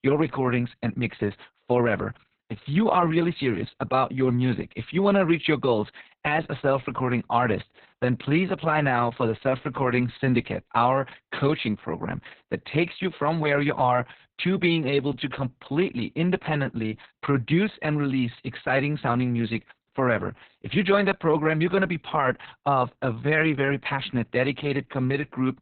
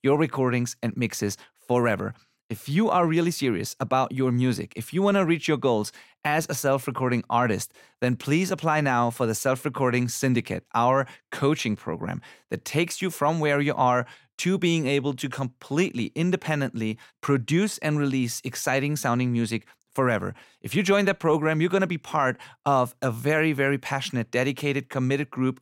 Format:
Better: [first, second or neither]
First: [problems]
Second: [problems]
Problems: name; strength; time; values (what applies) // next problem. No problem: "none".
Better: second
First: garbled, watery; badly; nothing above 4 kHz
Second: none